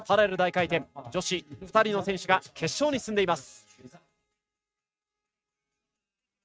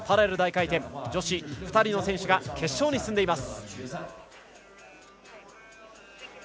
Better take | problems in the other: second | noise reduction (neural mask model RNNoise)

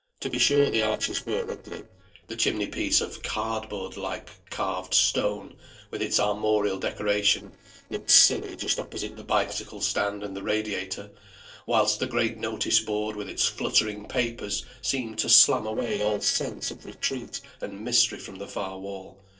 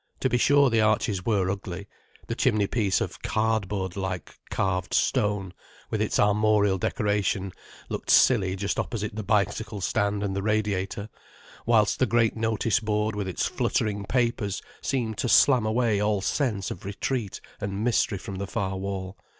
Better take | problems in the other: second | noise reduction (neural separator model SepFormer DNS4)

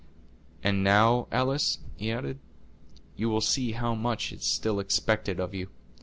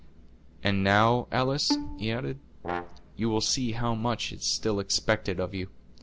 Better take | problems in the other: first | background sound (Brass instrument + Bowed string instrument); 8 dB below the speech

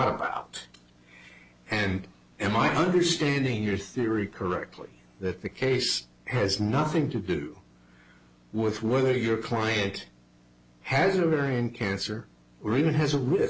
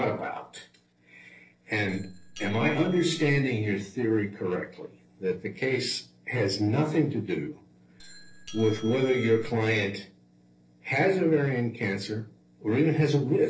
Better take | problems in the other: first | noise reduction (neural separator model SepFormer DNS4)

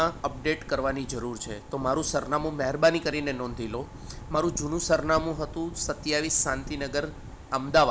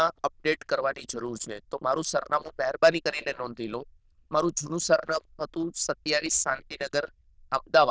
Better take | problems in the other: first | noise reduction (neural diffusion model UNIVERSE++)

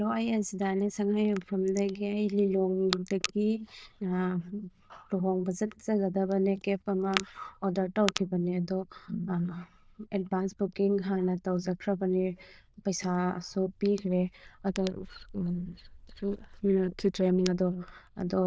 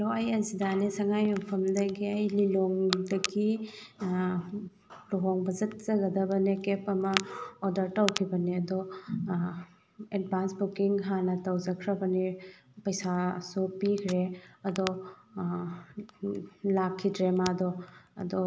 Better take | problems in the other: second | noise reduction (neural diffusion model UNIVERSE++)

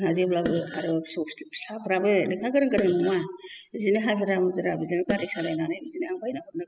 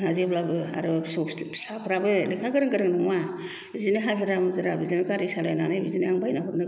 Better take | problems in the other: second | noise reduction (classical method spectral subtraction)

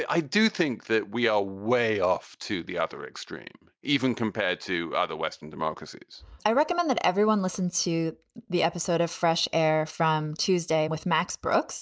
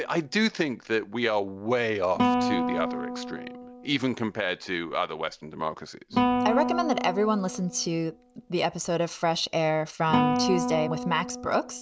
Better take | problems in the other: first | background sound (Guitar); 3 dB below the speech

